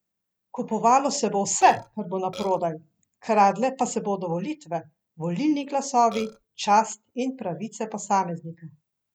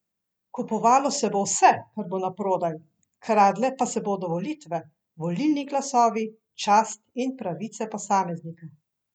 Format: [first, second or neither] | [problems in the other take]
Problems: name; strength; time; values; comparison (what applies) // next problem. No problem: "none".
second | background sound (Burping, eructation); 15 dB below the speech